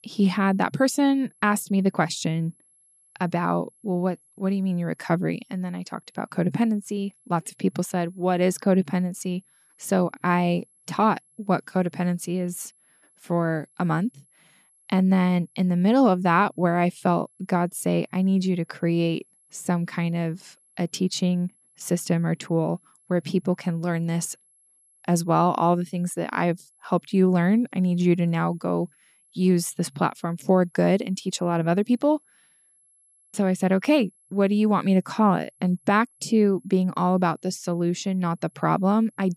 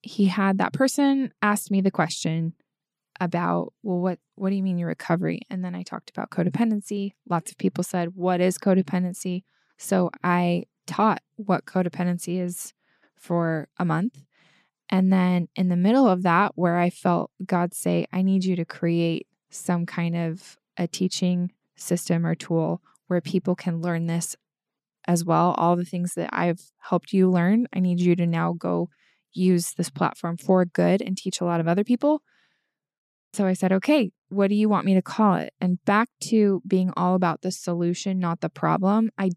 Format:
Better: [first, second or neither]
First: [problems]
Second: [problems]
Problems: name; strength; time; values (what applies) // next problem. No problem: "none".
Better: second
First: high-pitched whine; faint; throughout; 11 kHz, 35 dB below the speech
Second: none